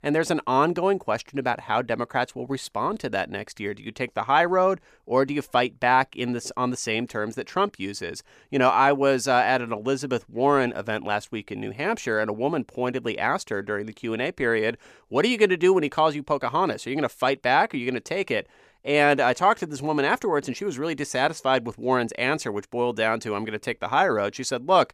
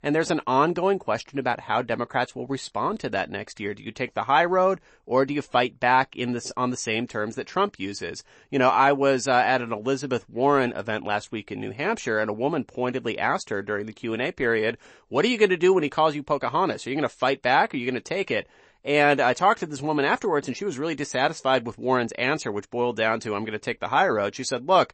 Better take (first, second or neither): first